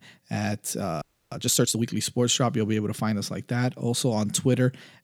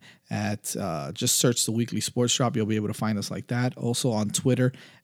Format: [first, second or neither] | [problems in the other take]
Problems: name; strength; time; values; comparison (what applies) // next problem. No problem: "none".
second | audio freezing; at 1 s